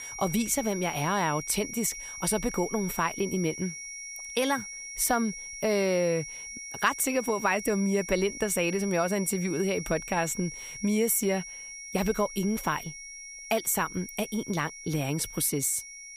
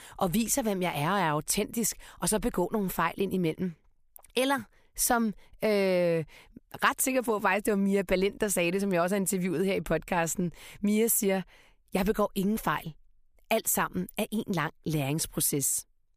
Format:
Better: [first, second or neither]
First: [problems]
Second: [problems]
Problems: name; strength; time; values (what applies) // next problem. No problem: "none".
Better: second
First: high-pitched whine; loud; throughout; 5.5 kHz, 10 dB below the speech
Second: none